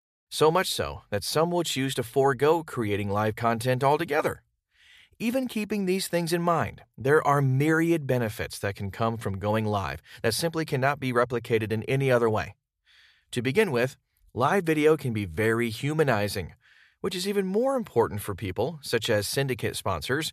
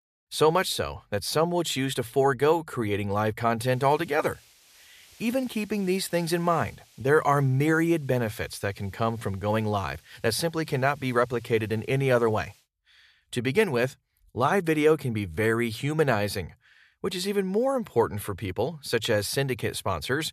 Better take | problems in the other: first | hiss; faint; from 3.5 to 13 s; 30 dB below the speech

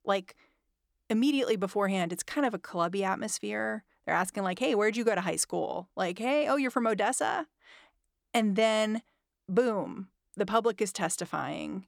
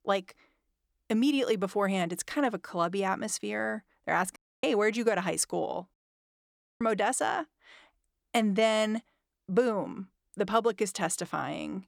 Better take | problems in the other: first | audio cutting out; at 4.5 s and at 6 s for 1 s

